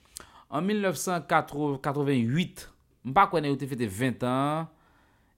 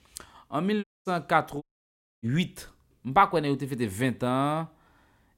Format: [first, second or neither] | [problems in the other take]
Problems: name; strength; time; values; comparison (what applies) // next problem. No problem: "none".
first | audio cutting out; at 1 s and at 1.5 s for 0.5 s